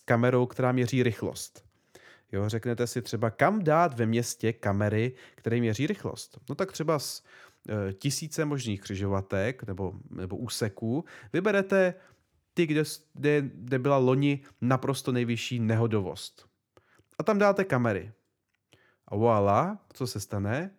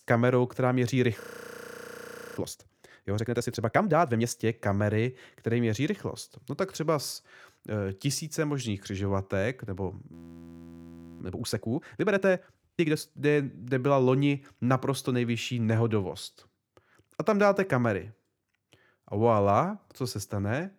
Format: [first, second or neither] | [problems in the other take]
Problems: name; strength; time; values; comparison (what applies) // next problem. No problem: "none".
first | audio freezing; at 1 s for 1 s and at 10 s for 1 s